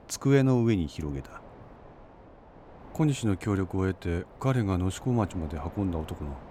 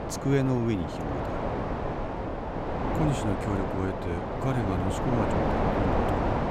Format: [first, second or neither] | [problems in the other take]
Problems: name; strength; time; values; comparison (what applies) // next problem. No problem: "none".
first | wind noise on the microphone; heavy; 4 dB above the speech; occasional gusts in the first